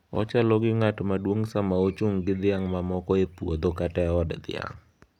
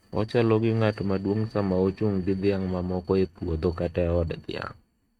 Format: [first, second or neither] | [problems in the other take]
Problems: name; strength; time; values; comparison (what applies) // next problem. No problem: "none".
first | noise reduction (neural mask model RNNoise)